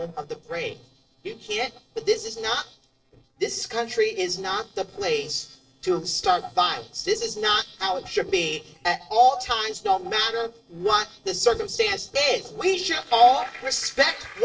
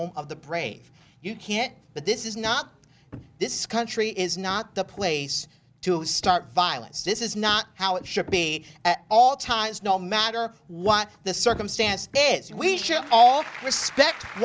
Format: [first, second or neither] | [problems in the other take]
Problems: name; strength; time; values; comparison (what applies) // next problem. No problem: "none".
second | noise reduction (neural separator model SepFormer DNS4)